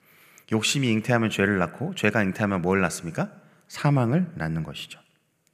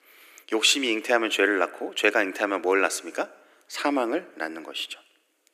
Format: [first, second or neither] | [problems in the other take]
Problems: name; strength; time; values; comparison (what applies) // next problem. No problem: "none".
first | thin; somewhat; fading below 300 Hz